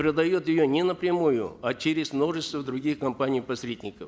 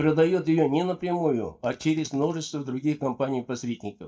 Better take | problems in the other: first | noise reduction (neural mask model DeepFilterNet 3)

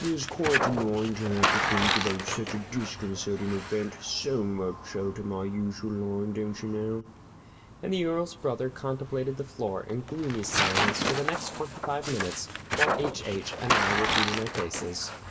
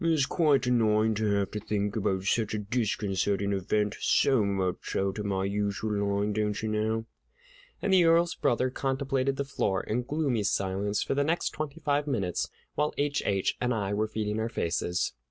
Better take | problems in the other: second | background sound (Tearing); 1 dB below the speech // room echo; dies away in 2 s

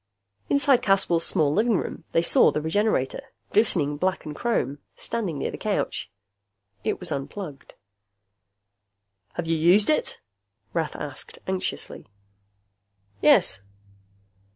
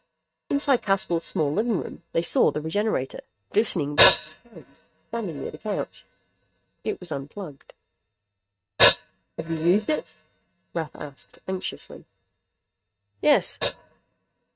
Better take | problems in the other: first | noise reduction (neural mask model RNNoise)

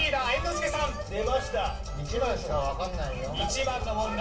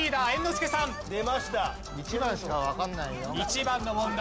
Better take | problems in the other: second | room echo; dies away in 0.3 s

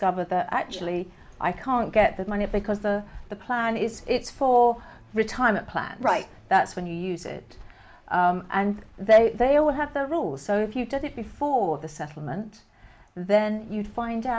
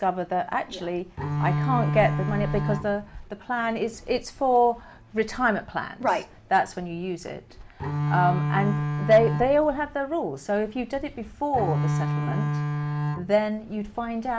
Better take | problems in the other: first | background sound (Bowed string instrument); 1 dB below the speech

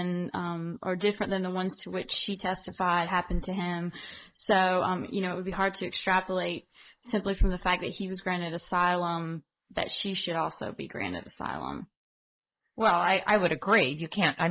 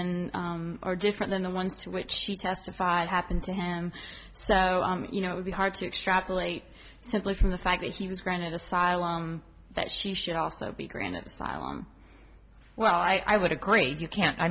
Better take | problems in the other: second | noise reduction (neural mask model Resemble Enhance denoiser)

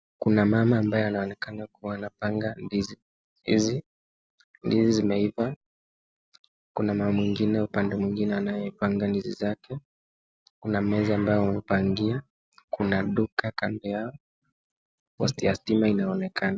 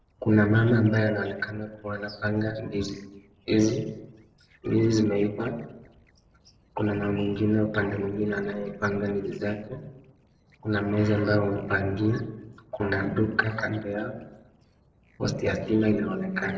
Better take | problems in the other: first | noise reduction (neural separator model SepFormer DNS4)

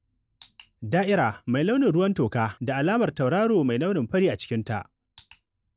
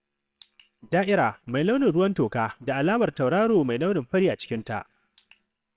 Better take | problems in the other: first | noise reduction (neural separator model SepFormer WHAMR!)

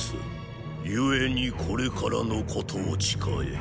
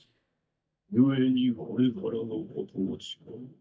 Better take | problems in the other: first | noise reduction (neural mask model DeepFilterNet 3)

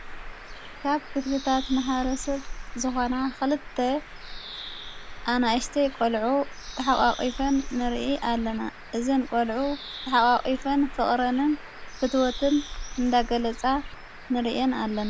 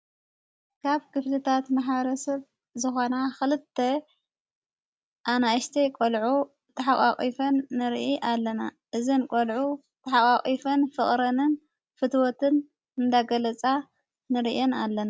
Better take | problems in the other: second | background sound (Bird); 11 dB below the speech

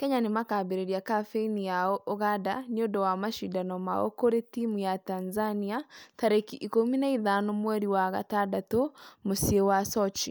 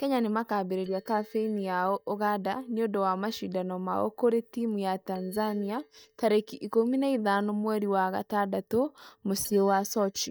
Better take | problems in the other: first | noise reduction (neural mask model DeepFilterNet 3)

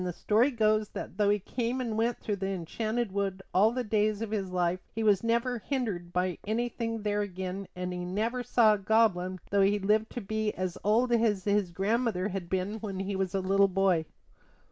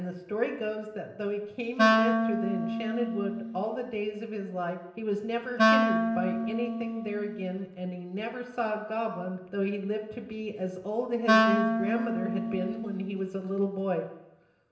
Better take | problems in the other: first | background sound (Wind instrument, woodwind instrument); 4 dB above the speech // room echo; dies away in 0.9 s

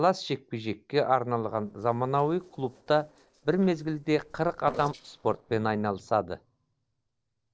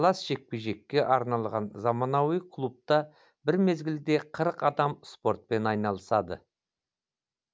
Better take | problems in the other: second | noise reduction (neural separator model SepFormer DNS4)

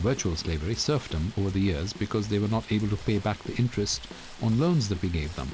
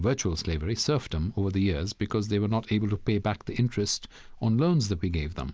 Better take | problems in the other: second | background sound (Stream + Drum kit); 16 dB below the speech

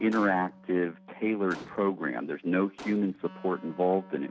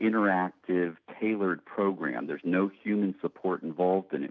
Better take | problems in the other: second | background sound (Gunshot, gunfire + Wind instrument, woodwind instrument); 19 dB below the speech

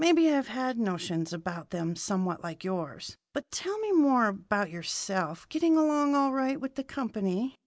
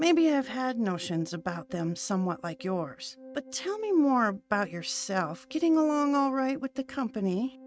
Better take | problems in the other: first | noise reduction (neural mask model RNNoise)

